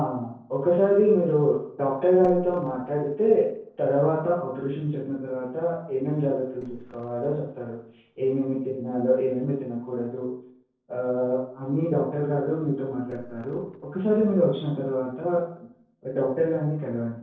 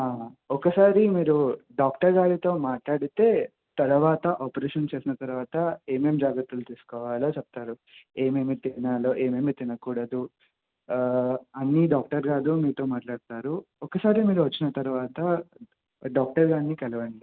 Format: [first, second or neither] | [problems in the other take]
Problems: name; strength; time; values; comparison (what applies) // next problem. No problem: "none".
second | noise reduction (neural separator model SepFormer DNS4)